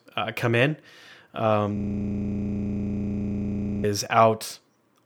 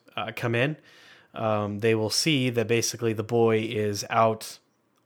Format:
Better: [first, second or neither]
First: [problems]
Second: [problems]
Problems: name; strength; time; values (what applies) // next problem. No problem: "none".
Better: second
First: audio freezing; at 2 s for 2 s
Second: none